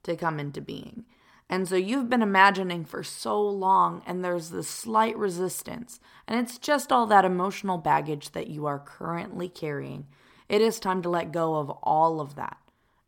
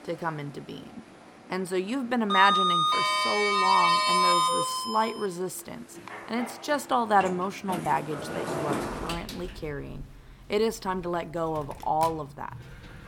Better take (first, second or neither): first